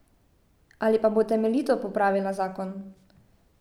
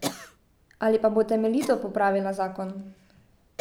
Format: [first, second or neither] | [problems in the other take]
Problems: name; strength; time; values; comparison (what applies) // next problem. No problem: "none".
first | background sound (Cough); 15 dB below the speech